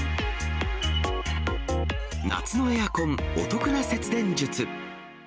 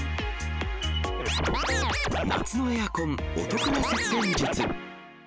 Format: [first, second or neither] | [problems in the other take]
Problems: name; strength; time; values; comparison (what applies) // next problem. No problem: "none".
first | background sound (Scratching (performance technique)); as loud as the speech